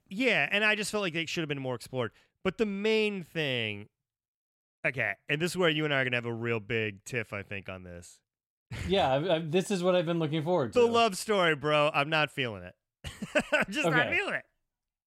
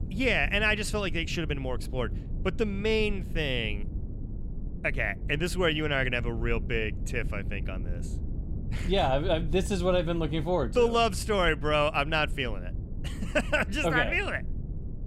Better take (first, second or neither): first